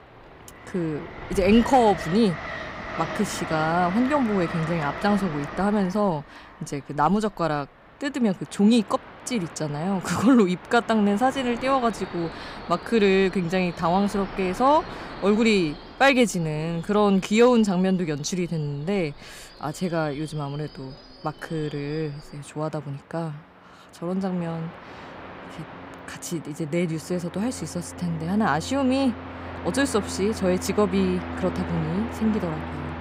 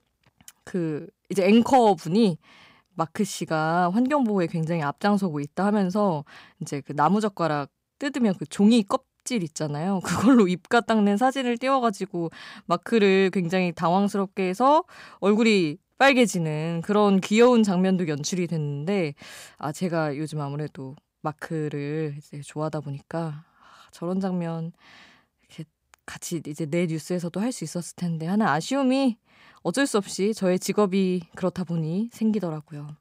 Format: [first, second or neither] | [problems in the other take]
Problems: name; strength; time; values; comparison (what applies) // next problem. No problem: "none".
second | train or aircraft noise; noticeable; throughout; 15 dB below the speech